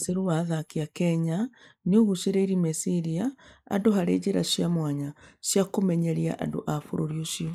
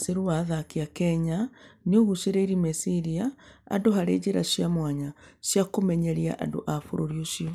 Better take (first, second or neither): second